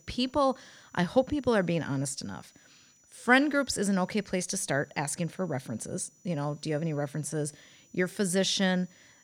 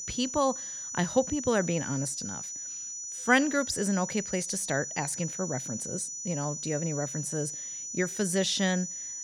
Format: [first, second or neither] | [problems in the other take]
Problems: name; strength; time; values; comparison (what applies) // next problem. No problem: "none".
first | high-pitched whine; loud; throughout; 6 kHz, 5 dB below the speech; faint in the first